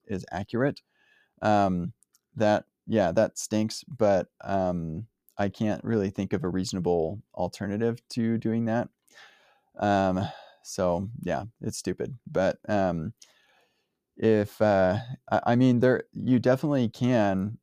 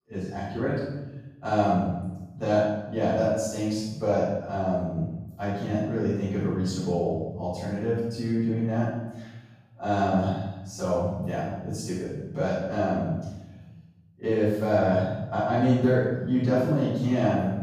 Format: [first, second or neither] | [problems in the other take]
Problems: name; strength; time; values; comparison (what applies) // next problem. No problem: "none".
first | off-mic speech; far // room echo; strong; dies away in 1 s